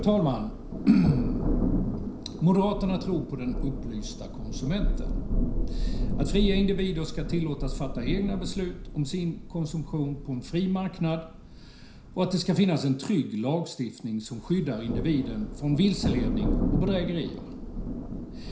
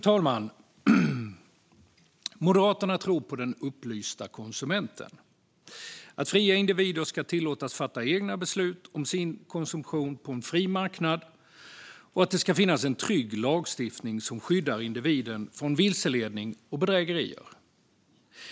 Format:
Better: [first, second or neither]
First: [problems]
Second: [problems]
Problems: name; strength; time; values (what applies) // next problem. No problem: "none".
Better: second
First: background sound (Thunder); 2 dB below the speech // room echo; dies away in 0.5 s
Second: none